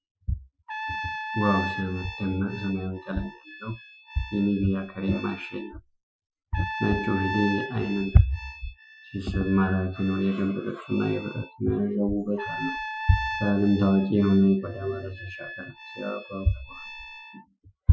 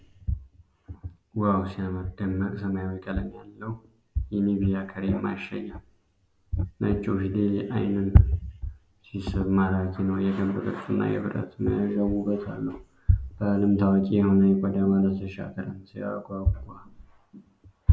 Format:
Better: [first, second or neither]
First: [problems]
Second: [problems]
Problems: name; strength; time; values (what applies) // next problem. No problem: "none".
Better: second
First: noise reduction (classical method Wiener filter)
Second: none